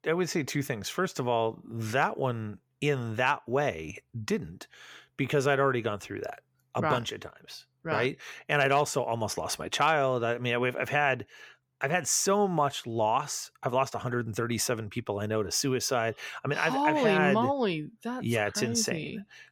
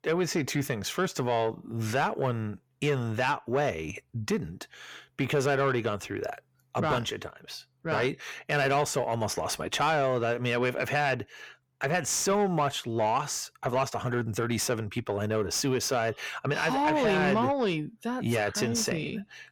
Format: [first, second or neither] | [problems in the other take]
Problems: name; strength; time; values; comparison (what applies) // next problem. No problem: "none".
first | distortion; slight; 10 dB below the speech